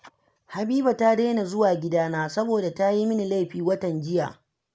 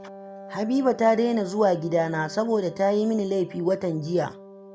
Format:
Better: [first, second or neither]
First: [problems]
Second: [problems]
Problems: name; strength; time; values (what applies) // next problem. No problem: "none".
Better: first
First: none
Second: background sound (Wind instrument, woodwind instrument); 17 dB below the speech